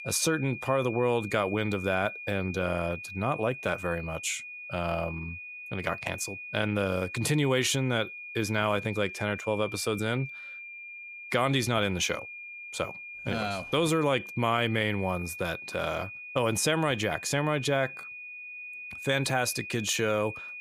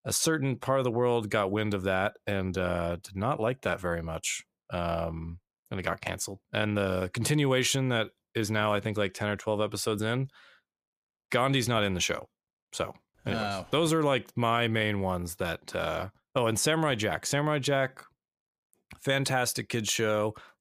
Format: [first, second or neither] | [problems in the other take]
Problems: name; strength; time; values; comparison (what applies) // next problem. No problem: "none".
second | high-pitched whine; noticeable; throughout; 2.5 kHz, 10 dB below the speech